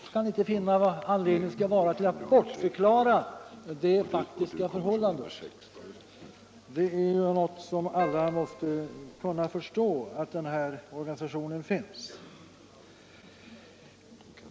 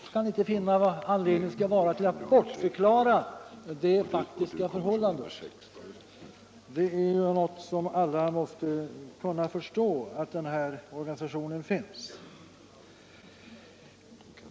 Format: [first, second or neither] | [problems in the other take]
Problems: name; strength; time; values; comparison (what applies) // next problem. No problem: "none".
second | background sound (Keyboard (musical)); 13 dB below the speech